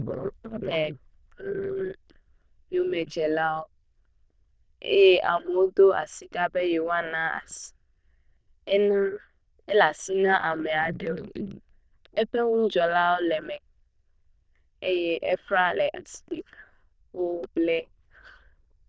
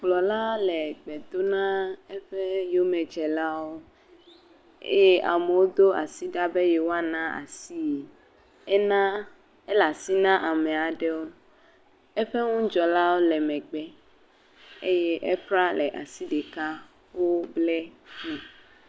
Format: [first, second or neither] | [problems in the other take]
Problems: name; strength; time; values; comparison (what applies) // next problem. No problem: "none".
second | noise reduction (neural diffusion model UNIVERSE++)